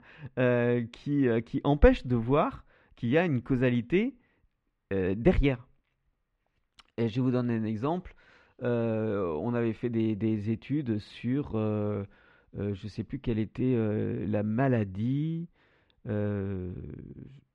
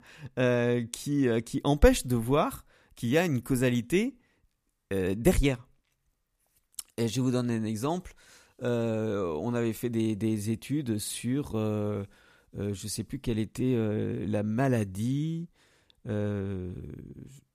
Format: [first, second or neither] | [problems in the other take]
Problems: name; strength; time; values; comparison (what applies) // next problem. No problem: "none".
second | muffled; very; fading above 3 kHz